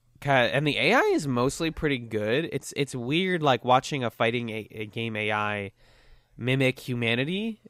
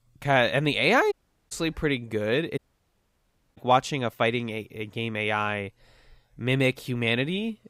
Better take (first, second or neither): first